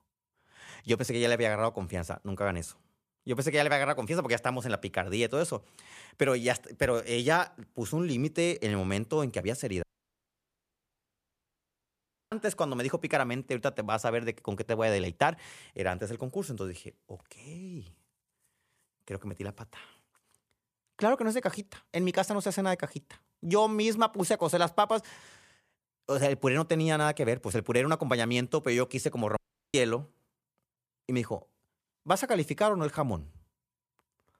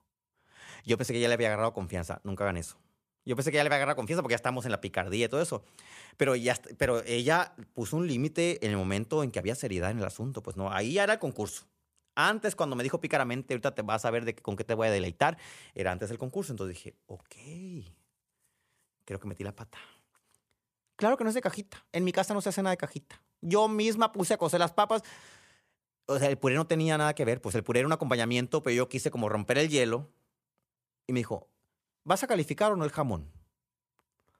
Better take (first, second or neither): second